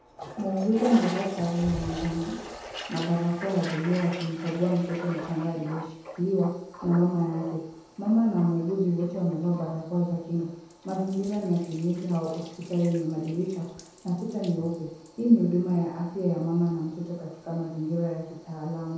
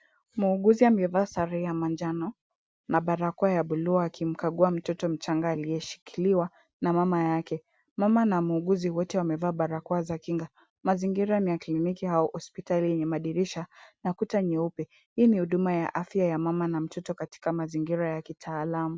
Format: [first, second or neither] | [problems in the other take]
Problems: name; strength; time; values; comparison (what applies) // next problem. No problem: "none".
second | background sound (Toilet flush); 15 dB below the speech // room echo; dies away in 0.9 s